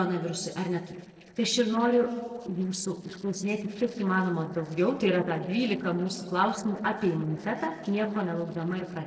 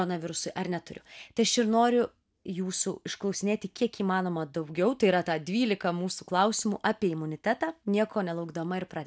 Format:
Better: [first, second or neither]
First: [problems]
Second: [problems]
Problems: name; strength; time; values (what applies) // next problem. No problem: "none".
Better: second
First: noise reduction (neural separator model SepFormer DNS4)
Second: none